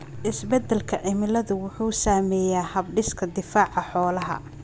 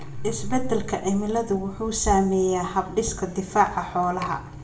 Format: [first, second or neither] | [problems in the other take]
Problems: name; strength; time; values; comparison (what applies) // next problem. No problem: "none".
first | room echo; dies away in 0.6 s